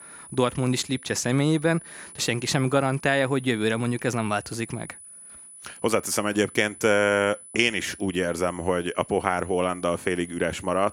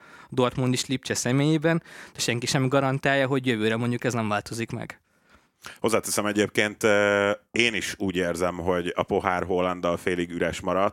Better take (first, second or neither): second